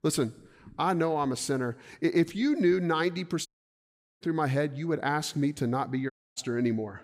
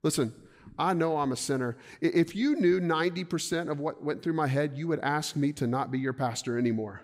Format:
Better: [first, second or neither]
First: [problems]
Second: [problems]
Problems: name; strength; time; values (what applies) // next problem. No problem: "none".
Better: second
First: audio cutting out; at 3.5 s for 1 s and at 6 s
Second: none